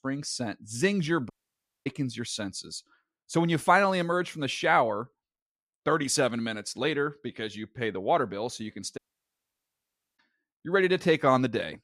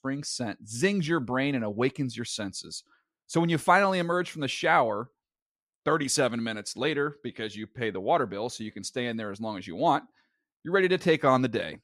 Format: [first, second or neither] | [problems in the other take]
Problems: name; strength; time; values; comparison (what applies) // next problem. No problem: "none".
second | audio cutting out; at 1.5 s for 0.5 s and at 9 s for 1 s